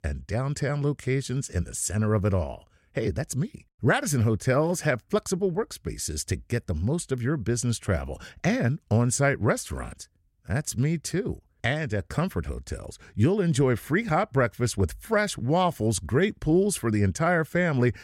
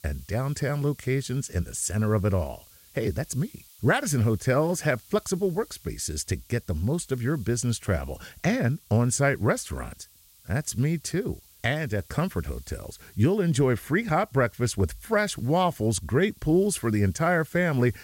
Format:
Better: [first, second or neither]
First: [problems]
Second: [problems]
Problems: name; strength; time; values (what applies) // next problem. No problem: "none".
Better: first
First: none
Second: hiss; faint; throughout; 25 dB below the speech